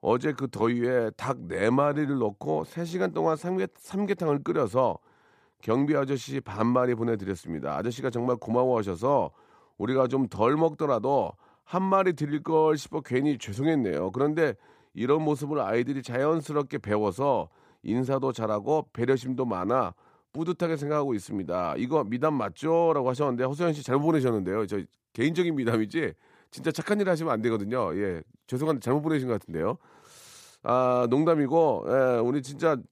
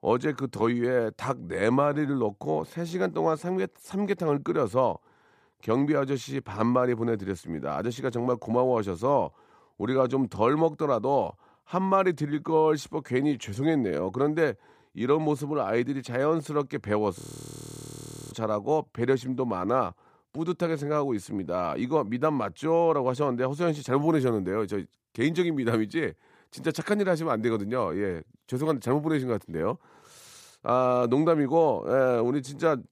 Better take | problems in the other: first | audio freezing; at 17 s for 1 s

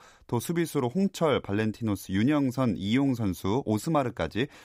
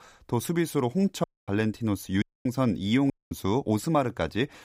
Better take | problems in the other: first | audio cutting out; at 1 s, at 2 s and at 3 s

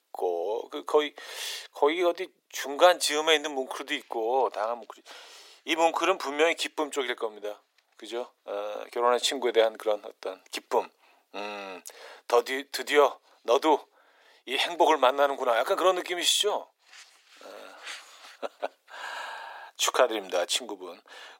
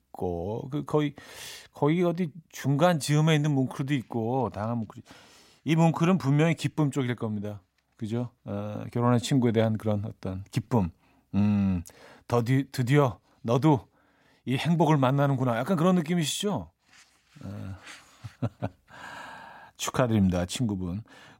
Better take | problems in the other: second | thin; very; fading below 400 Hz

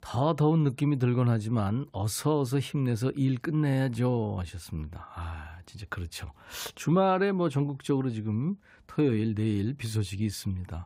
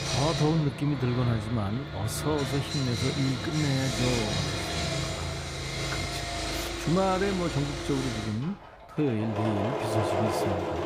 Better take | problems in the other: first | machinery noise; loud; throughout; 2 dB below the speech

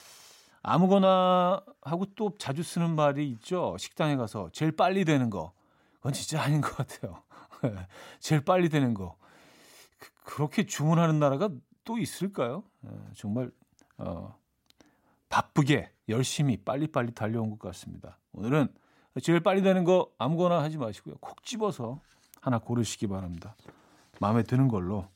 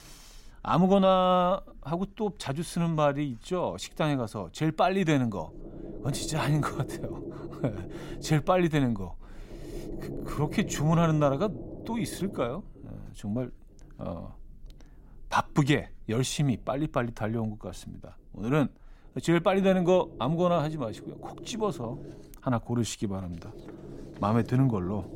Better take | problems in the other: first | low rumble; noticeable; throughout; 15 dB below the speech

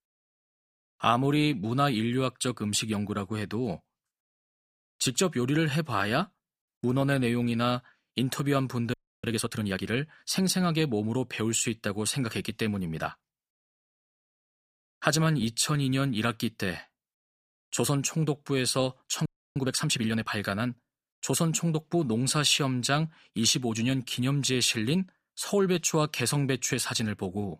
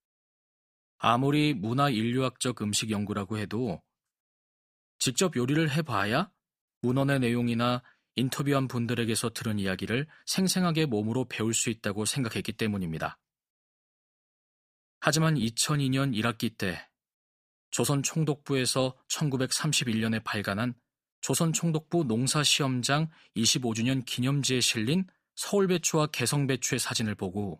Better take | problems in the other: second | audio freezing; at 9 s and at 19 s

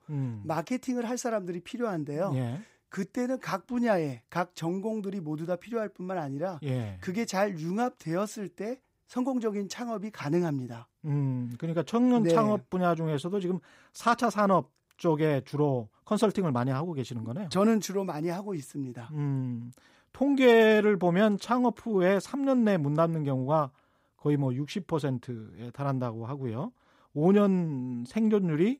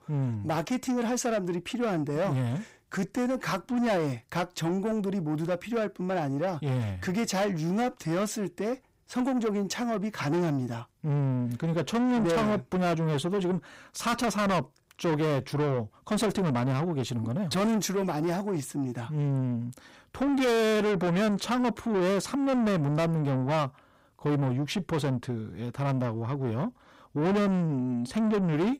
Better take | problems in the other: first | distortion; heavy; 7 dB below the speech

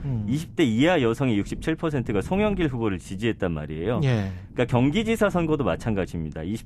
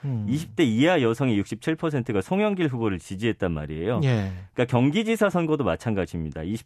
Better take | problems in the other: second | wind noise on the microphone; occasional gusts; 25 dB below the speech

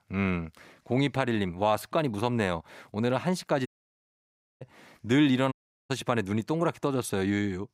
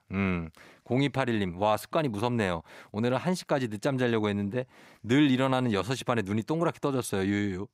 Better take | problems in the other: second | audio cutting out; at 3.5 s for 1 s and at 5.5 s

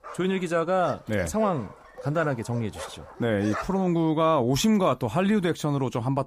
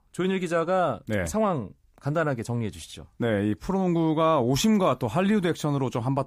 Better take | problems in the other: second | dog barking; noticeable; until 4 s; peak 9 dB below the speech

